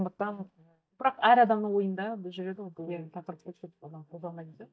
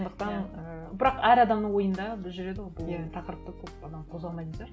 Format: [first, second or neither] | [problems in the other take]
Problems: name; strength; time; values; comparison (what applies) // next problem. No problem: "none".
second | noise reduction (neural mask model DeepFilterNet 3)